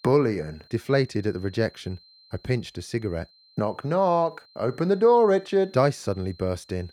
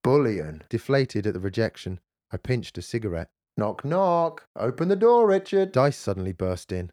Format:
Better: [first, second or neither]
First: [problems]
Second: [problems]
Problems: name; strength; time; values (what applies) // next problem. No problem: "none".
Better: second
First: high-pitched whine; faint; throughout; 4 kHz, 30 dB below the speech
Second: none